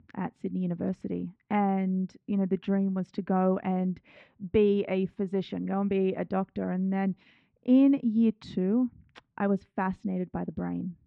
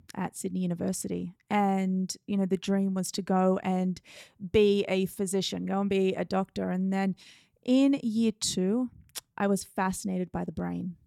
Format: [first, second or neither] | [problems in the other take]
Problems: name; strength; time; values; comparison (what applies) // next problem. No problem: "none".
second | muffled; very; fading above 2.5 kHz